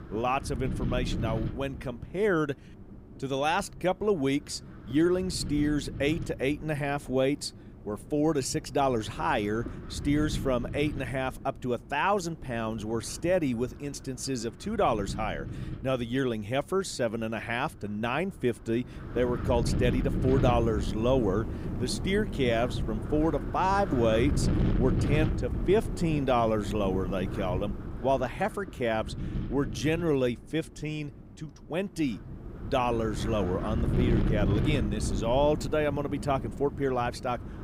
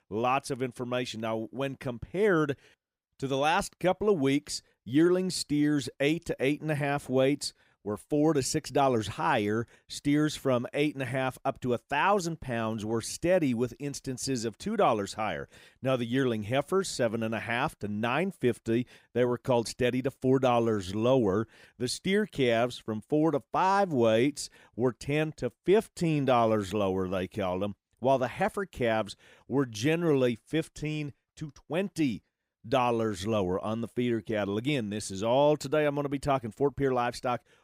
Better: second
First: wind noise on the microphone; occasional gusts; 10 dB below the speech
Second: none

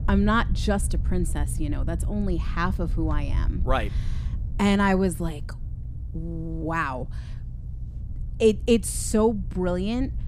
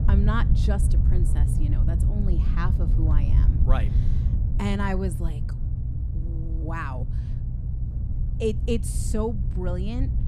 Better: first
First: low rumble; faint; throughout; 20 dB below the speech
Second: low rumble; loud; throughout; 7 dB below the speech

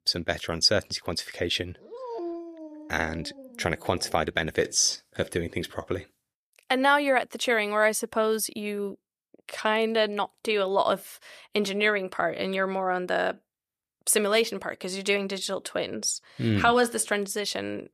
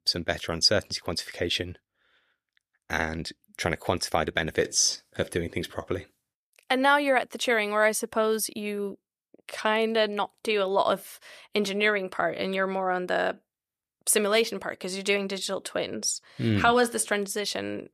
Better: second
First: dog barking; noticeable; from 2 to 4 s; peak 8 dB below the speech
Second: none

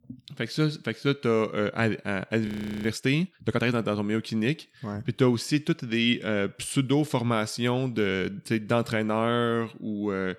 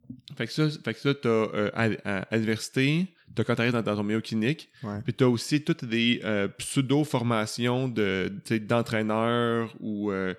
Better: second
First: audio freezing; at 2.5 s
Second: none

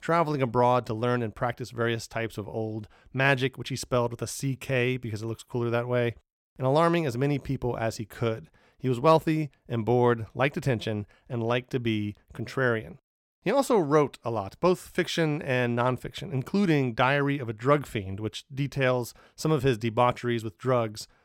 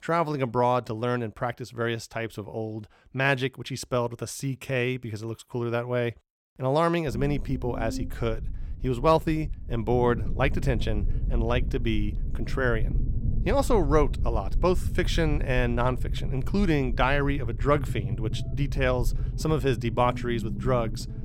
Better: first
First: none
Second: low rumble; noticeable; from 7 s on; 15 dB below the speech

